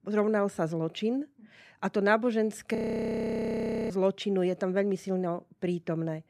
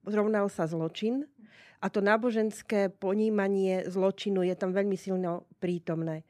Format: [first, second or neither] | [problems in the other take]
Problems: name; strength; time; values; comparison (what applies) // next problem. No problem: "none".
second | audio freezing; at 3 s for 1 s